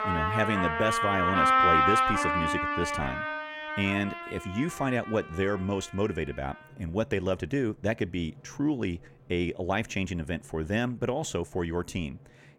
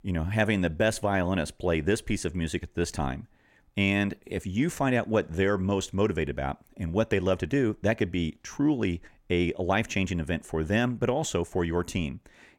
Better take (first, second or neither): second